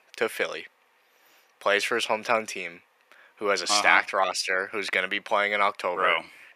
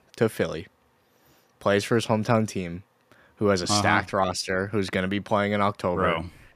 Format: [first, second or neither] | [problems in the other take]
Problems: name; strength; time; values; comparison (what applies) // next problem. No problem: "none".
second | thin; very; fading below 550 Hz